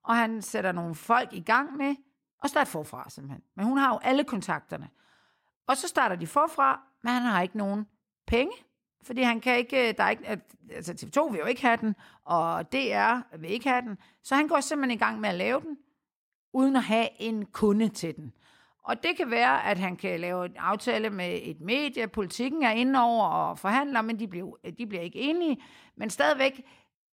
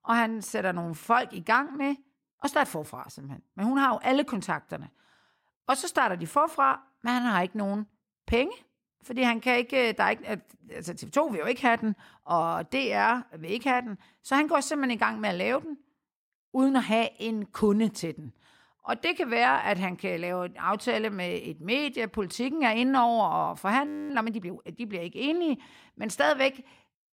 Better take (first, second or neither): first